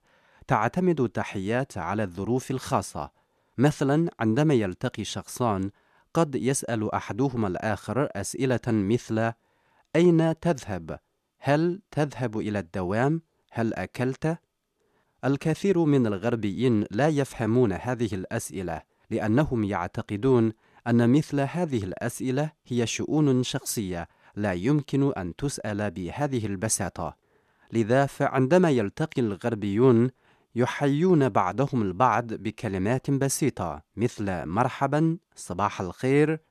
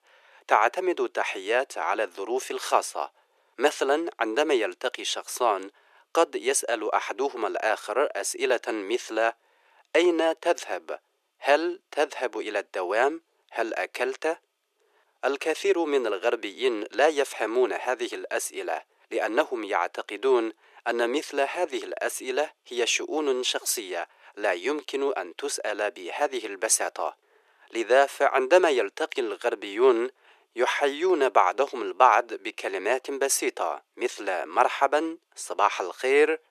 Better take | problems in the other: first | thin; very; fading below 400 Hz

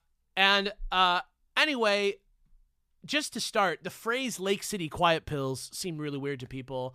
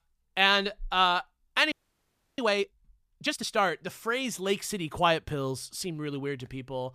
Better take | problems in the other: first | audio freezing; at 1.5 s for 0.5 s

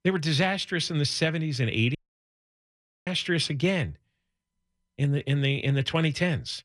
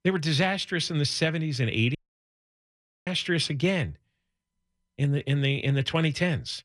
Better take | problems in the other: neither | audio cutting out; at 2 s for 1 s; the same in both

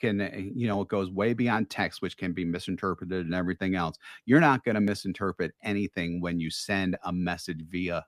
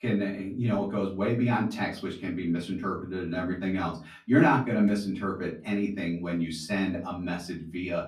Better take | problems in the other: first | off-mic speech; far // room echo; slight; dies away in 0.3 s

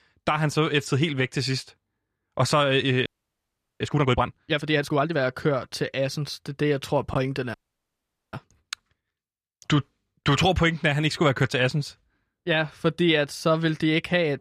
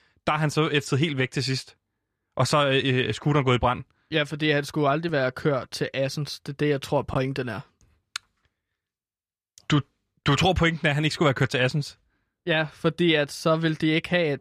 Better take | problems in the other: second | audio freezing; at 3 s for 0.5 s and at 7.5 s for 1 s

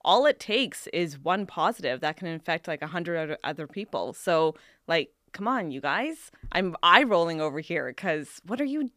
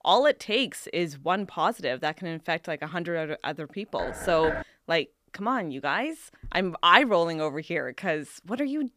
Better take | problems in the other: first | door banging; noticeable; at 4 s; peak 6 dB below the speech

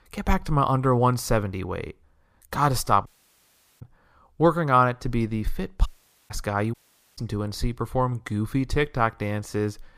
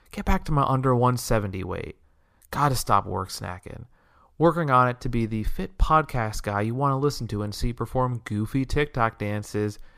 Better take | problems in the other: second | audio cutting out; at 3 s for 1 s, at 6 s and at 6.5 s

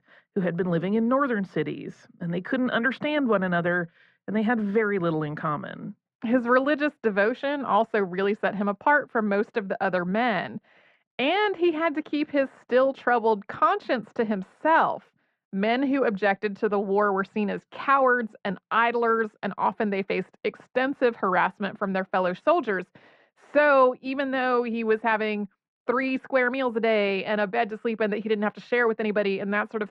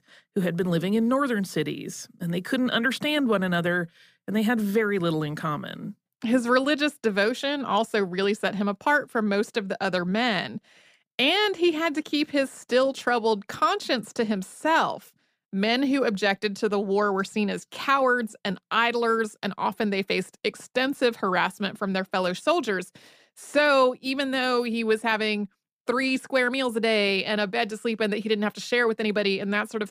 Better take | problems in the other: second | muffled; very; fading above 2 kHz

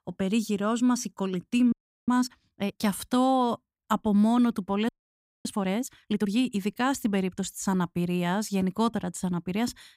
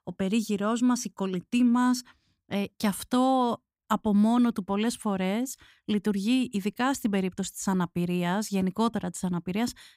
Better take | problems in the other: second | audio freezing; at 1.5 s and at 5 s for 0.5 s

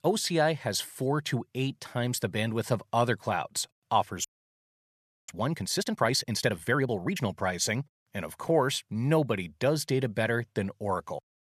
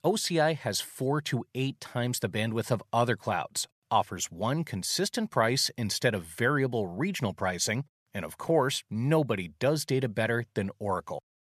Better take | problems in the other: second | audio freezing; at 4.5 s for 1 s

